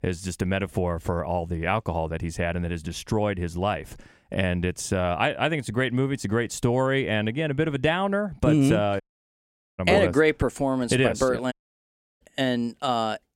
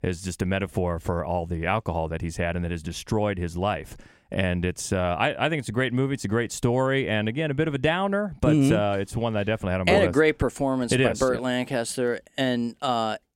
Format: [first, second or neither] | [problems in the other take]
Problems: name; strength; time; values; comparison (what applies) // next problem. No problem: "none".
second | audio cutting out; at 9 s for 1 s and at 12 s for 0.5 s